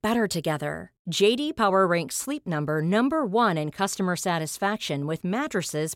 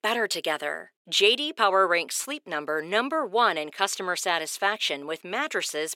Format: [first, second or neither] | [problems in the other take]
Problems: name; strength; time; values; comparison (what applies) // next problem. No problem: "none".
first | thin; somewhat; fading below 350 Hz